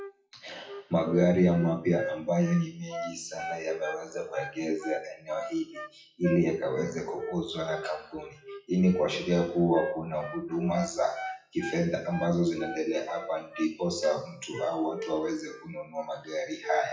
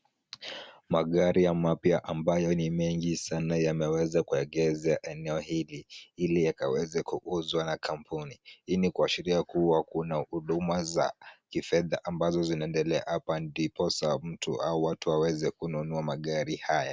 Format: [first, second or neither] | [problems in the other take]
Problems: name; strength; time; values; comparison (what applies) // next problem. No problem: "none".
second | noise reduction (classical method WPE with log-MMSE)